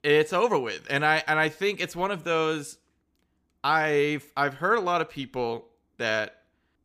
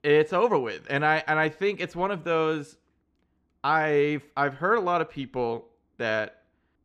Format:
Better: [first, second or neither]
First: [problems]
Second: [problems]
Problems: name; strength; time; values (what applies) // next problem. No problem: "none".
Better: first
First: none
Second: muffled; very slightly; fading above 2 kHz